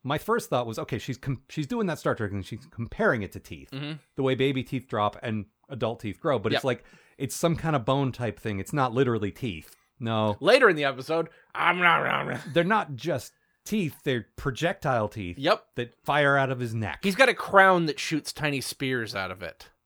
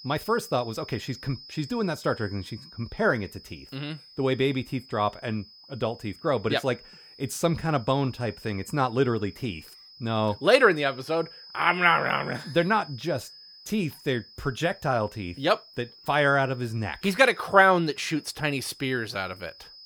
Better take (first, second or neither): first